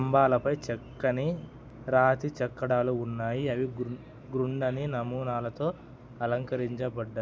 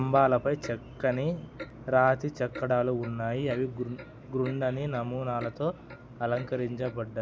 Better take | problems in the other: first | background sound (Clock); 19 dB below the speech

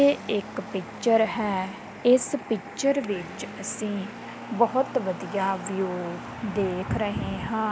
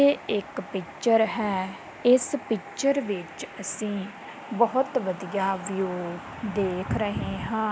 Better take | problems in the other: second | background sound (Engine); 16 dB below the speech

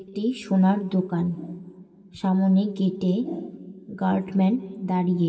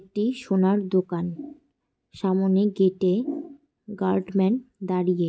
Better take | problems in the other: second | room echo; dies away in 1.9 s

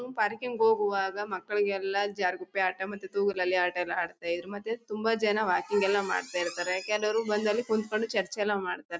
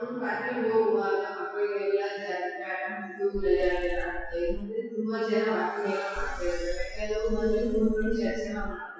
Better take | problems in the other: first | noise reduction (classical method WPE with log-MMSE)

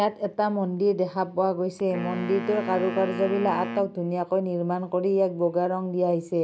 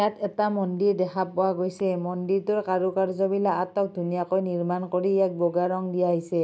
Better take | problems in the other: second | background sound (Wind instrument, woodwind instrument); 10 dB below the speech

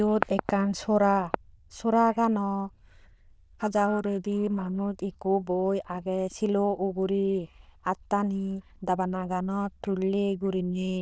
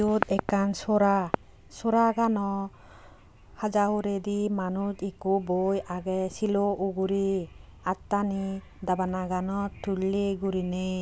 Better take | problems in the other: second | noise reduction (neural diffusion model UNIVERSE++)

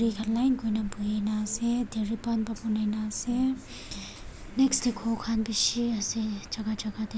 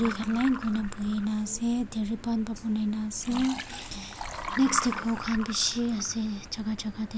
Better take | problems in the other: first | background sound (Liquid); 11 dB below the speech

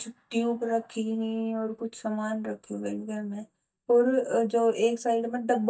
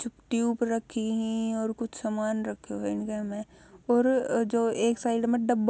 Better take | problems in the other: second | noise reduction (neural mask model DeepFilterNet 3)

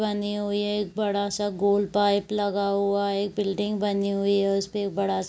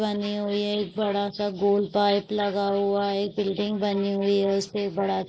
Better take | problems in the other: first | noise reduction (neural mask model Resemble Enhance denoiser)

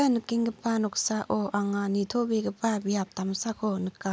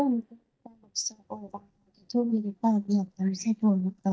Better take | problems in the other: first | noise reduction (neural mask model DeepFilterNet 3)

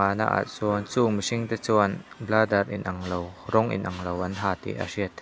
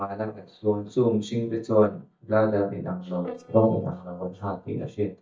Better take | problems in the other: first | noise reduction (neural mask model DeepFilterNet 3)

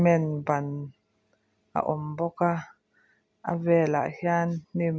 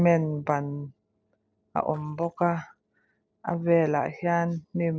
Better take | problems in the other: first | noise reduction (neural separator model SepFormer DNS4)

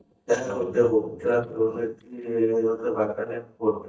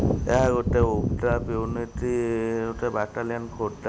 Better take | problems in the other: second | noise reduction (neural mask model DeepFilterNet 3)

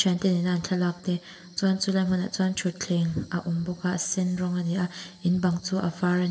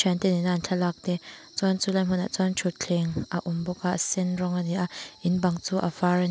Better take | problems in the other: second | room echo; dies away in 2.1 s

